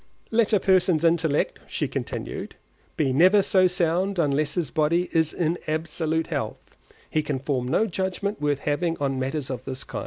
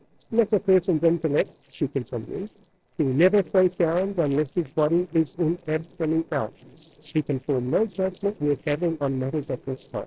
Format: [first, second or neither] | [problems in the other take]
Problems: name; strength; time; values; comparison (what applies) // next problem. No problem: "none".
first | noise reduction (neural separator model SepFormer DNS4)